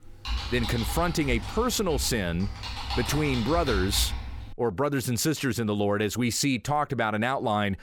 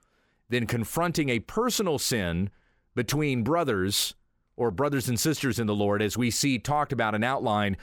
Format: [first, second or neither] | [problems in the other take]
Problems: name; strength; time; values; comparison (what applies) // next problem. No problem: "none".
second | keyboard typing; noticeable; until 4.5 s; peak 4 dB below the speech